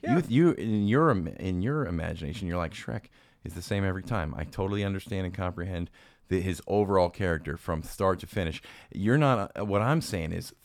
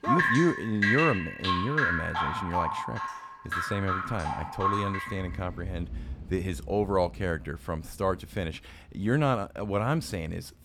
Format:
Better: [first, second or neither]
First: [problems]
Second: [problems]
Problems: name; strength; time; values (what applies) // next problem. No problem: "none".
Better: first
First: none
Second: rain or running water; very loud; throughout; as loud as the speech